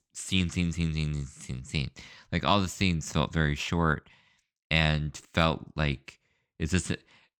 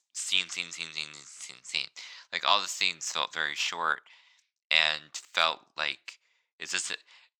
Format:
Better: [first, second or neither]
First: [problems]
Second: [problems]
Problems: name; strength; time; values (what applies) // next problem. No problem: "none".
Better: first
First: none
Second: thin; very; fading below 900 Hz